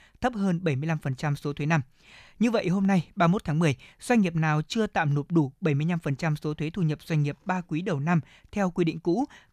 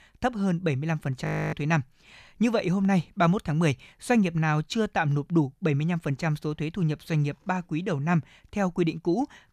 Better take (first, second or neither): first